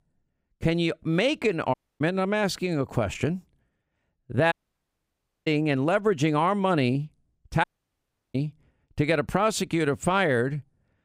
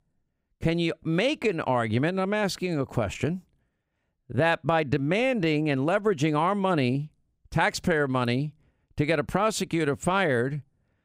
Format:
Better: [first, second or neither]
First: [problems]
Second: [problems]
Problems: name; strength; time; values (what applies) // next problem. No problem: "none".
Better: second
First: audio cutting out; at 1.5 s, at 4.5 s for 1 s and at 7.5 s for 0.5 s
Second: none